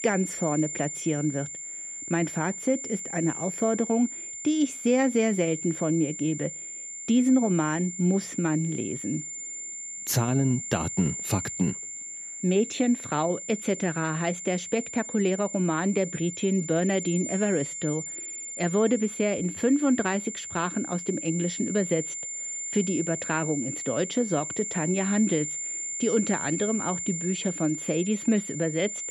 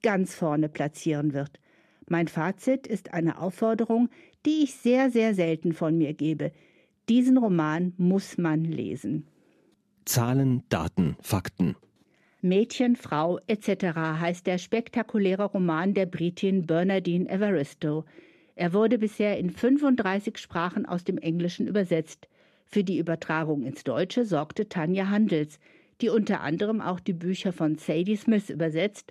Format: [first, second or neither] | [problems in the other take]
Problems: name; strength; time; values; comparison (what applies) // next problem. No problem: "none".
second | high-pitched whine; loud; throughout; 7 kHz, 6 dB below the speech